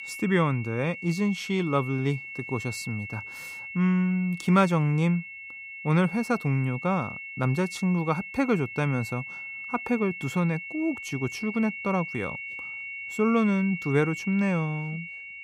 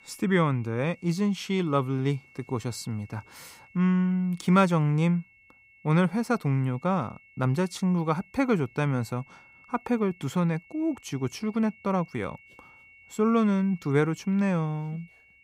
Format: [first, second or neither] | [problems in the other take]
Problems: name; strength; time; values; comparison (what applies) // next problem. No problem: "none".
second | high-pitched whine; loud; throughout; 2 kHz, 9 dB below the speech; faint in the second